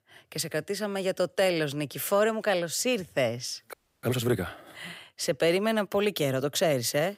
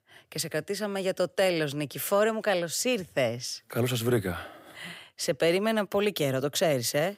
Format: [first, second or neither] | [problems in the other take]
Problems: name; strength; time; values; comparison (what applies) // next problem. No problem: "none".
second | audio freezing; at 3.5 s